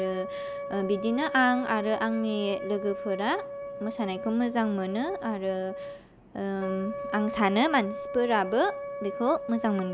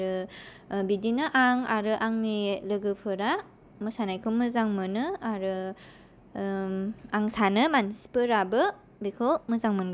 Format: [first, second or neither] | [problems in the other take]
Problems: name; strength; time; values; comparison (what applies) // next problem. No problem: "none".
second | background sound (Wind instrument, woodwind instrument); 8 dB below the speech